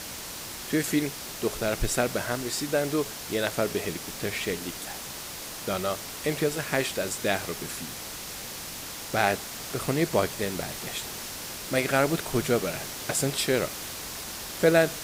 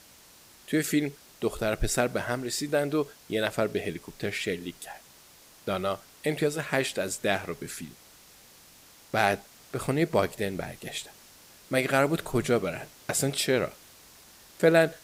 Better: second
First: hiss; loud; throughout; 7 dB below the speech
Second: hiss; faint; throughout; 25 dB below the speech

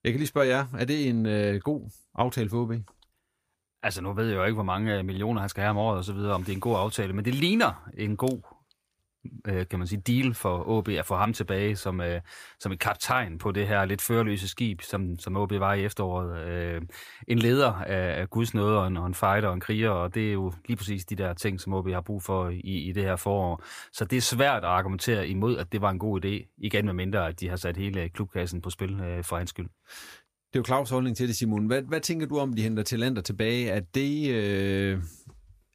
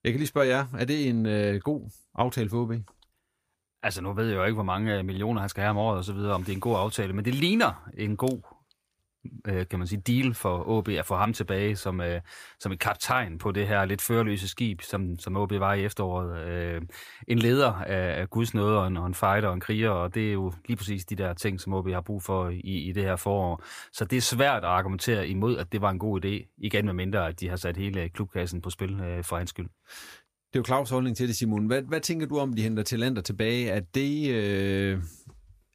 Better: neither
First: none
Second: none

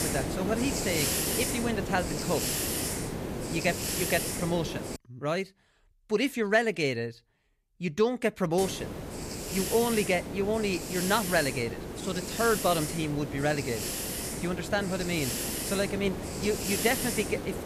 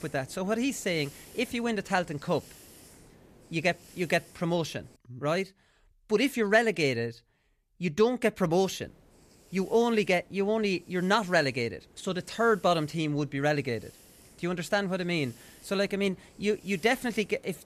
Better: second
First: hiss; loud; until 5 s and from 8.5 s on; 2 dB below the speech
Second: hiss; faint; until 5 s and from 8.5 s on; 25 dB below the speech

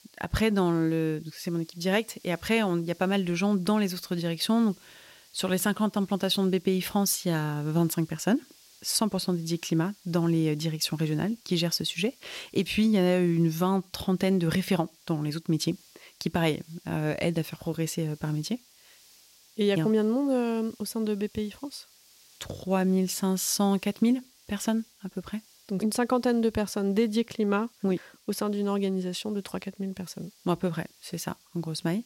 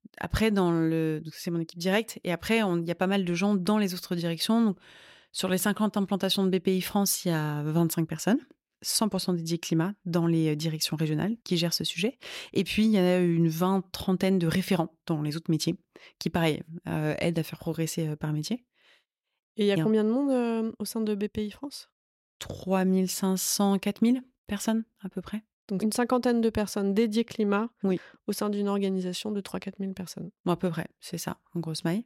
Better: second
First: hiss; faint; throughout; 25 dB below the speech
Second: none

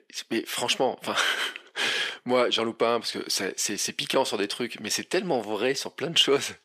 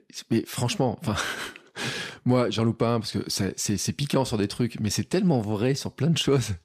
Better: second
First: thin; somewhat; fading below 450 Hz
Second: none

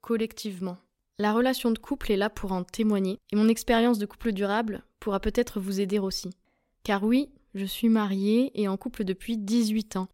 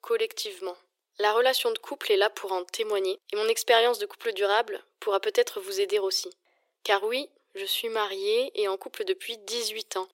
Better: first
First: none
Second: thin; very; fading below 350 Hz

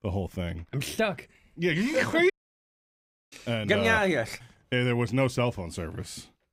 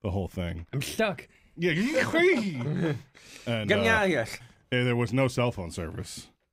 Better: second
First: audio cutting out; at 2.5 s for 1 s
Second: none

